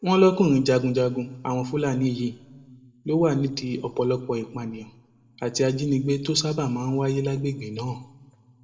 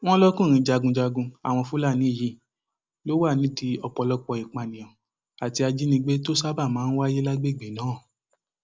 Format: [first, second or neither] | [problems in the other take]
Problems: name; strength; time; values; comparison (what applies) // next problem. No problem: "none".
second | room echo; dies away in 0.8 s